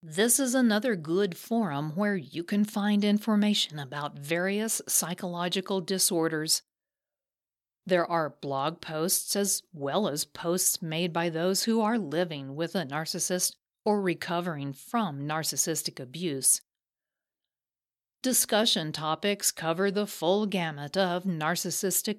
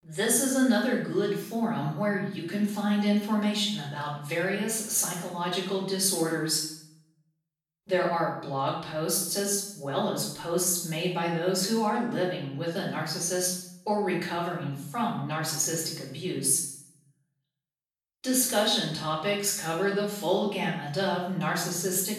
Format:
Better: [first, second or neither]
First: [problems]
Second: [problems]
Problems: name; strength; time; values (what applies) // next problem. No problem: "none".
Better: first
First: none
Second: off-mic speech; far // room echo; noticeable; dies away in 0.7 s